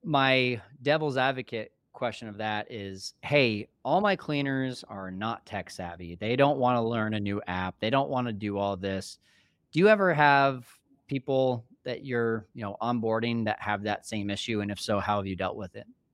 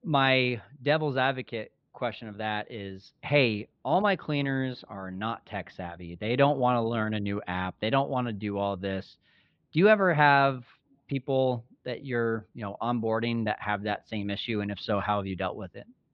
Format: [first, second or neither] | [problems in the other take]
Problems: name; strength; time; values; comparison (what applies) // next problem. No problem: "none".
first | muffled; very slightly; fading above 4 kHz